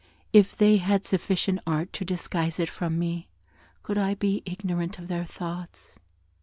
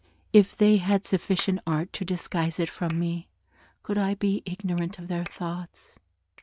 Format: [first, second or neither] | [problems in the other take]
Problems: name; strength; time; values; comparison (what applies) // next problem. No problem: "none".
first | noise reduction (neural mask model RNNoise)